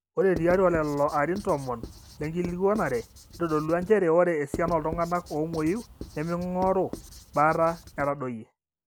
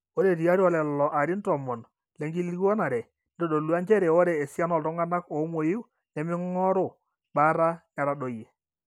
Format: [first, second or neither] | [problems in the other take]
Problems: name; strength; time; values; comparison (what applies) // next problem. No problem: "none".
second | background sound (Writing); 15 dB below the speech